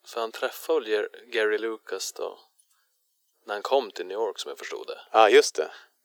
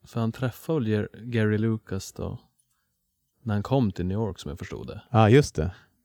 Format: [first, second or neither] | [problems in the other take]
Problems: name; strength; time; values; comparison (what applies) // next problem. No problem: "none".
second | thin; very; fading below 400 Hz